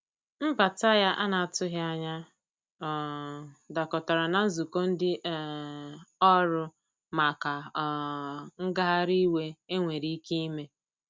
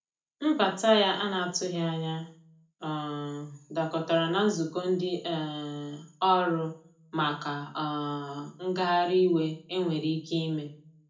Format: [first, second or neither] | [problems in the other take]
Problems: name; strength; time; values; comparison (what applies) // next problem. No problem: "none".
first | room echo; dies away in 0.3 s